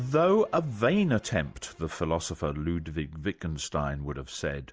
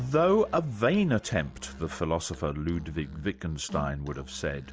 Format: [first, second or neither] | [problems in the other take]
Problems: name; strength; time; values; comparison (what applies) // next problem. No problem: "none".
first | background sound (Musical instrument); 18 dB below the speech